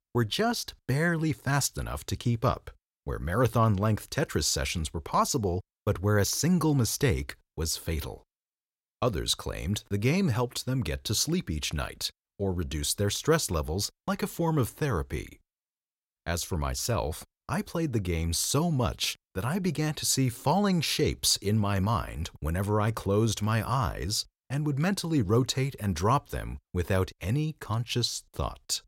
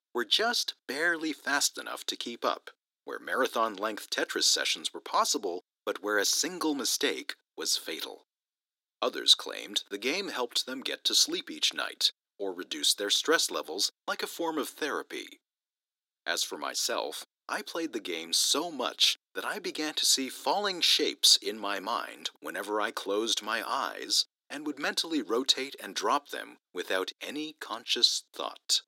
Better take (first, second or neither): first